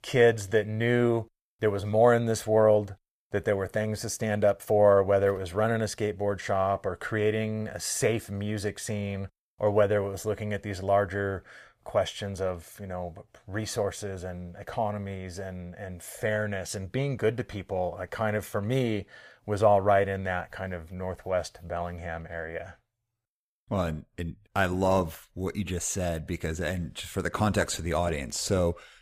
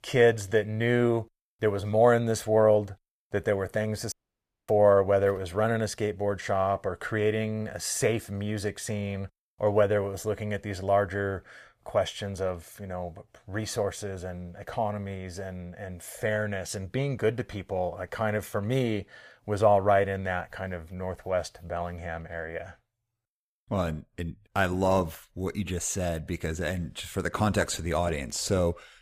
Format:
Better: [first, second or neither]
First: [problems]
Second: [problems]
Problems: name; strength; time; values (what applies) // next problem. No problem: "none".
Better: first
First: none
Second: audio cutting out; at 4 s for 0.5 s